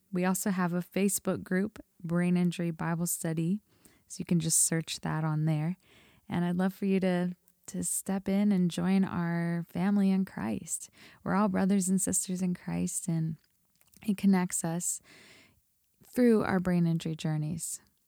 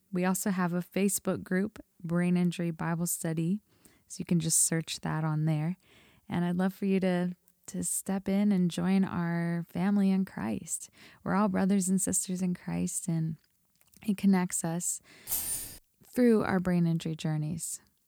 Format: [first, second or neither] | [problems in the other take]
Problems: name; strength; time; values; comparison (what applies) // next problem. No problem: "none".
first | jangling keys; noticeable; at 15 s; peak 1 dB below the speech